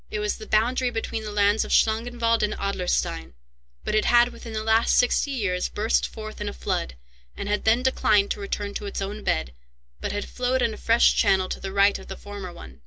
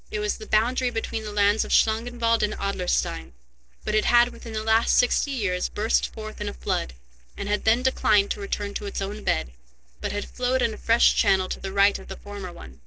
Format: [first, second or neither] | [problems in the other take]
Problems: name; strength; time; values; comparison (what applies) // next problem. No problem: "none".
first | noise reduction (neural separator model SepFormer DNS4)